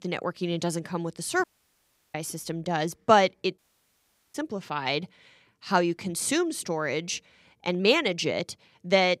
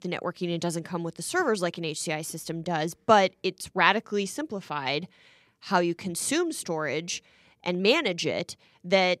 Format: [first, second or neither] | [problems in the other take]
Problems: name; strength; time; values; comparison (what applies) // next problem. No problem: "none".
second | audio cutting out; at 1.5 s for 0.5 s and at 3.5 s for 1 s